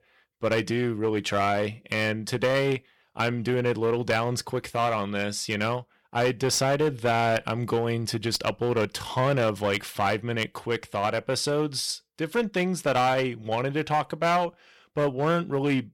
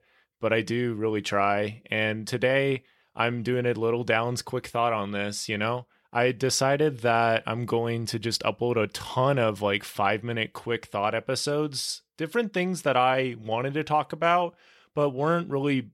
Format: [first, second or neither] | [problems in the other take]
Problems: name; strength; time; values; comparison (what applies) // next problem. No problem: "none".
second | distortion; slight; 6% of the sound clipped